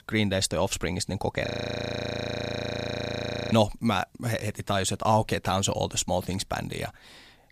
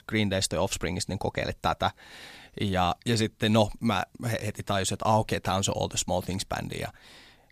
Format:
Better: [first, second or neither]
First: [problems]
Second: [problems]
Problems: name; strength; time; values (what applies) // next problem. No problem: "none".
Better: second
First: audio freezing; at 1.5 s for 2 s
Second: none